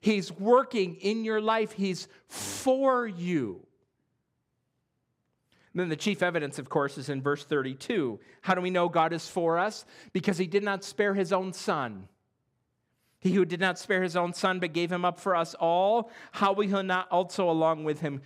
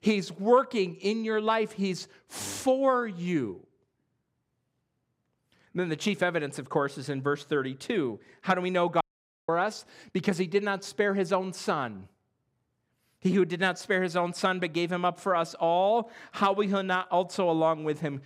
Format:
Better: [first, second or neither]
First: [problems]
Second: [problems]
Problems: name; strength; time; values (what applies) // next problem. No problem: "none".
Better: first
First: none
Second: audio cutting out; at 9 s